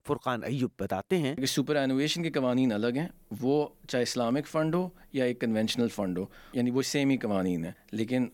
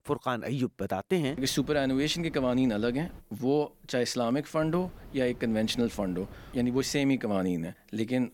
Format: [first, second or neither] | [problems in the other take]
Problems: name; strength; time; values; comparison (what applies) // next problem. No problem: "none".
first | wind noise on the microphone; occasional gusts; from 1.5 to 3 s and from 4.5 to 7 s; 25 dB below the speech